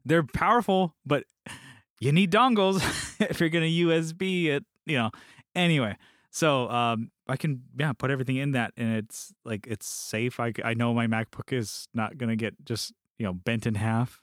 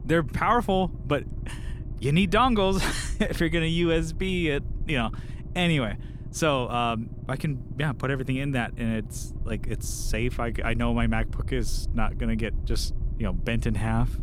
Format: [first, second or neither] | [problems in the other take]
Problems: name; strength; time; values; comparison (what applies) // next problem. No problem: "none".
first | low rumble; faint; throughout; 20 dB below the speech